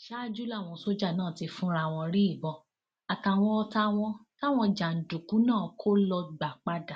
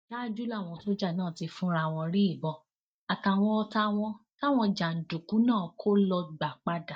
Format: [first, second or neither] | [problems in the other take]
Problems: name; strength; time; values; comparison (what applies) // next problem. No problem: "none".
first | noise reduction (neural mask model DeepFilterNet 3)